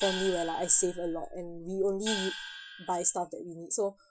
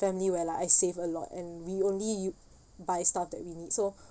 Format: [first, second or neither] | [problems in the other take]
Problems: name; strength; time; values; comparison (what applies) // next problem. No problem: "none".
second | noise reduction (classical method Wiener filter)